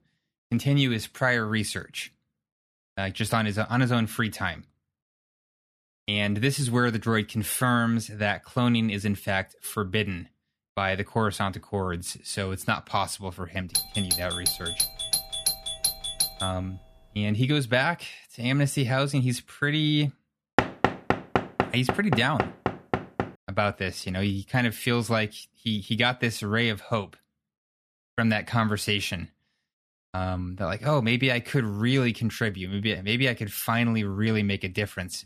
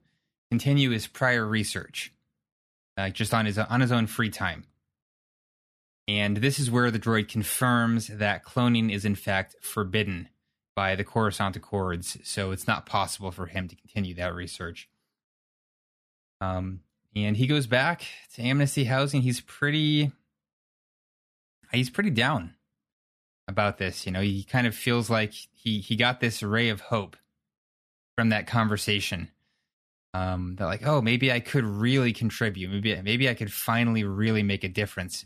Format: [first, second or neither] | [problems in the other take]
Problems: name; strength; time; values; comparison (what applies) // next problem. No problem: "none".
second | doorbell; loud; from 14 to 16 s; peak 2 dB above the speech // door banging; loud; from 21 to 23 s; peak 2 dB above the speech